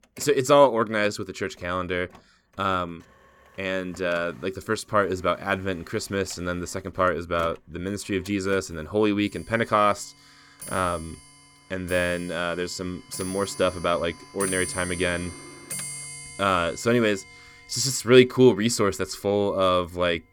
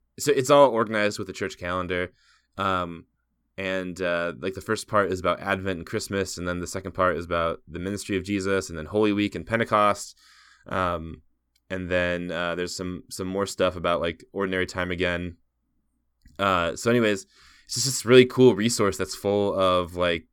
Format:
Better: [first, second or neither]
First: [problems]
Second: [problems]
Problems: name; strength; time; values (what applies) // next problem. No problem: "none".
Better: second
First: household noises; noticeable; throughout; 15 dB below the speech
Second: none